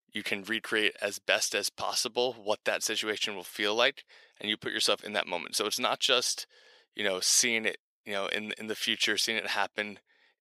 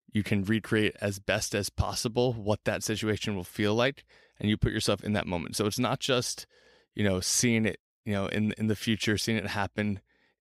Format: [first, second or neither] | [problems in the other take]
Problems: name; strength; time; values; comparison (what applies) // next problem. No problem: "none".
second | thin; very; fading below 500 Hz